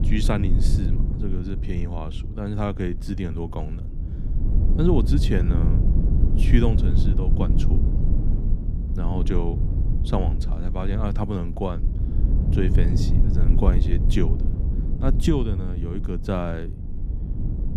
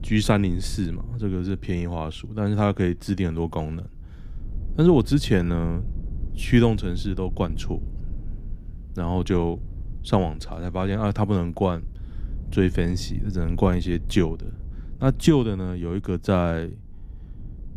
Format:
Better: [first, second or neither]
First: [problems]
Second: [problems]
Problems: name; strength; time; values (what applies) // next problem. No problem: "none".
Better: second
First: low rumble; loud; throughout; 6 dB below the speech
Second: low rumble; faint; throughout; 25 dB below the speech